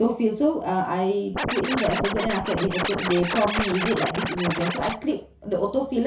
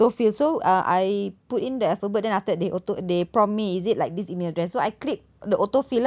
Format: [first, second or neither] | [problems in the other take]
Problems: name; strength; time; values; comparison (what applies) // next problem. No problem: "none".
second | background sound (Scratching (performance technique)); 4 dB below the speech // room echo; dies away in 0.3 s